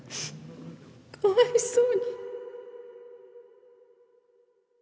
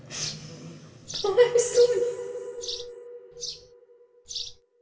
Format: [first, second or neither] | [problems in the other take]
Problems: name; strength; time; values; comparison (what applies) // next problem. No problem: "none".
first | background sound (Bird vocalization, bird call, bird song); 13 dB below the speech // room echo; dies away in 2.4 s